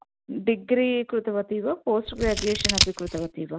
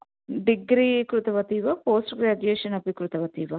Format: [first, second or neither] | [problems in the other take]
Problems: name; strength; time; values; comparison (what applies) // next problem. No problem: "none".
second | background sound (Scissors); 1 dB below the speech